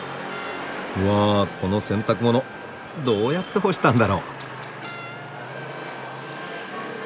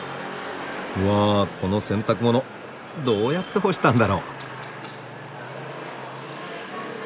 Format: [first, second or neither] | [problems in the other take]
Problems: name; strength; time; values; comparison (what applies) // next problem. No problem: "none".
second | background sound (Trumpet + Printer); 19 dB below the speech